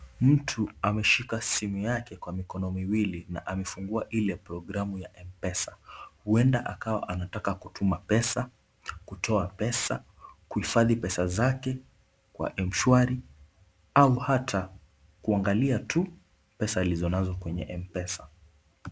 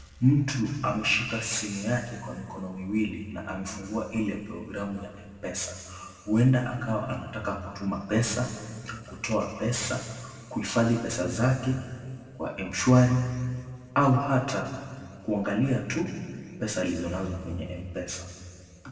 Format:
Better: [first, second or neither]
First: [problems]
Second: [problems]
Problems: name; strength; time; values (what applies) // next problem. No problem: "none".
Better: first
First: none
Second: room echo; dies away in 1.8 s